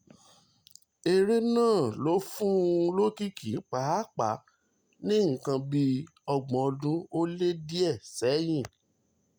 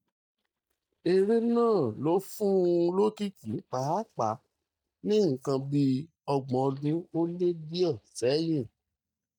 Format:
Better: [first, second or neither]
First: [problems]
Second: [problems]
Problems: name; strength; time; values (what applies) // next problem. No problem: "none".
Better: first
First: none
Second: noise reduction (neural mask model DeepFilterNet 3)